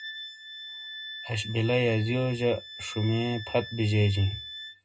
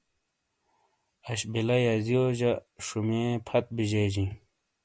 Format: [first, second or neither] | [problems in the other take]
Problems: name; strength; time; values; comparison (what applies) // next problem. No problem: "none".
second | background sound (Wind instrument, woodwind instrument); 13 dB below the speech // room echo; dies away in 0.2 s